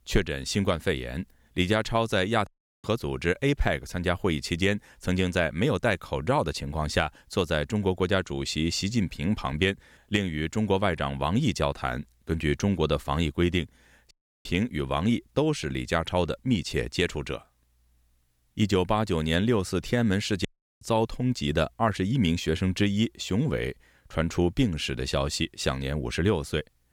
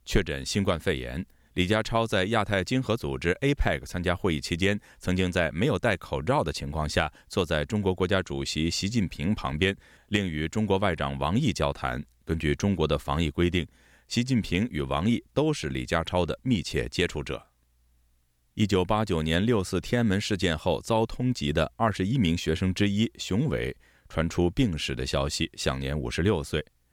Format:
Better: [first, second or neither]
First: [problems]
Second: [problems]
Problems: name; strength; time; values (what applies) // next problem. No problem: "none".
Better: second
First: audio cutting out; at 2.5 s, at 14 s and at 20 s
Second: none